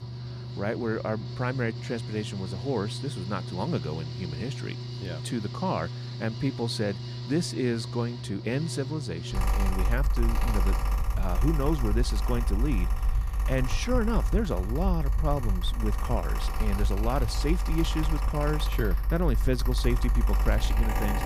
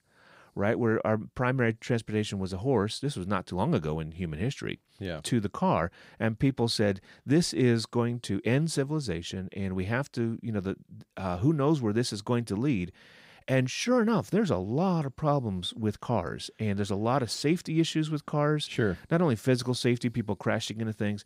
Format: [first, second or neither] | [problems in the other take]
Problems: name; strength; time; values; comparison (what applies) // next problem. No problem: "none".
second | machinery noise; very loud; throughout; as loud as the speech